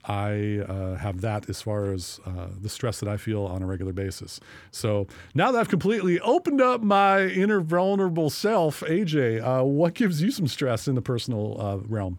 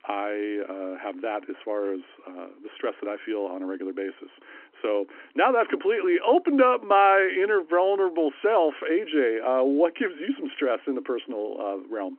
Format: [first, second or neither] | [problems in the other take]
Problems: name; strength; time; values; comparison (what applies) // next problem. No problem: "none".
first | phone-call audio